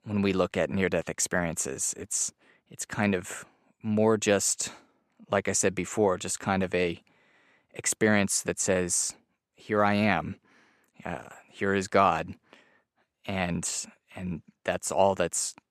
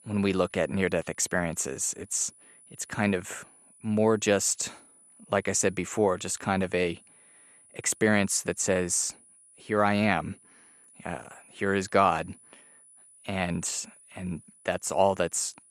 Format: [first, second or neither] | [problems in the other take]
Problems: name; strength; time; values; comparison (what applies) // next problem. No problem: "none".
first | high-pitched whine; faint; throughout; 10 kHz, 25 dB below the speech